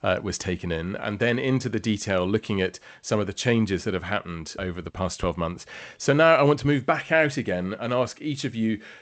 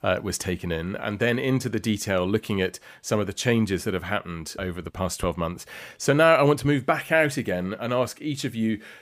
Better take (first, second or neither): second